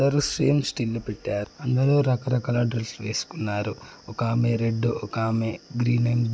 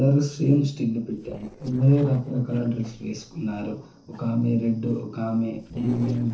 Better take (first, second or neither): first